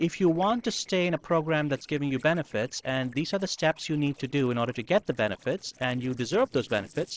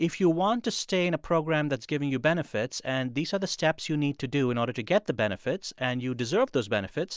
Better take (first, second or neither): second